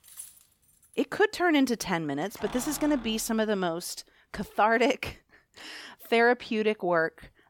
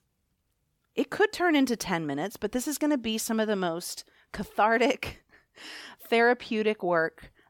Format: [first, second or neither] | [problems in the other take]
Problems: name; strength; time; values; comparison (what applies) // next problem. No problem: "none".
second | household noises; noticeable; throughout; 20 dB below the speech